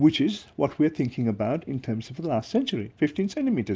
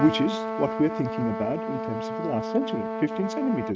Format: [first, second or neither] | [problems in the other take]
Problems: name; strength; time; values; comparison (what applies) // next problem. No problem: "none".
first | noise reduction (neural mask model RNNoise)